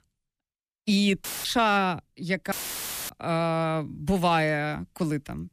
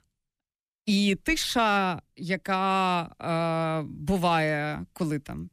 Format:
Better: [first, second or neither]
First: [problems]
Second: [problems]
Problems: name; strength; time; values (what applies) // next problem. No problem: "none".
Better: second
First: audio cutting out; filled with static; at 1 s and at 2.5 s for 0.5 s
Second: none